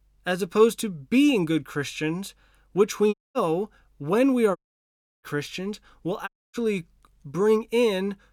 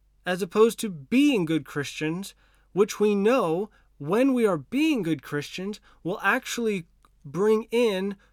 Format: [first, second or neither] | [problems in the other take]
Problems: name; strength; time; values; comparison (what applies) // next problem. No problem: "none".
second | audio cutting out; at 3 s, at 4.5 s for 0.5 s and at 6.5 s